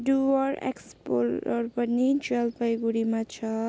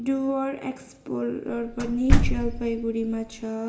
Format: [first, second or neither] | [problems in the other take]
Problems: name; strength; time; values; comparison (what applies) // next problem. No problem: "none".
first | background sound (Slam); 4 dB above the speech // room echo; dies away in 1.1 s